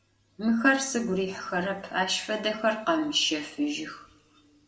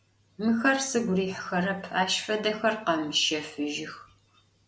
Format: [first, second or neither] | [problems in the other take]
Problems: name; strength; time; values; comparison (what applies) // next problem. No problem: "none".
second | room echo; dies away in 1 s